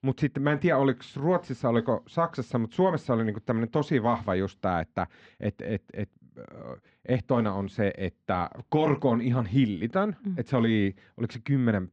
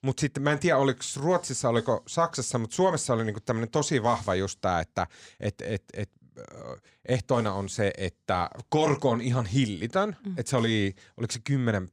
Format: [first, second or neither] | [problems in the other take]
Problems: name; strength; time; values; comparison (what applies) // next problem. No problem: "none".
second | muffled; very; fading above 3 kHz